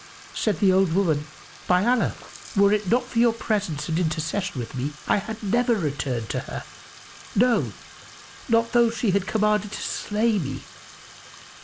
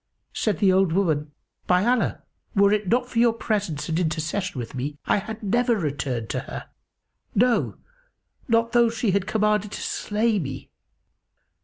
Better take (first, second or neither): second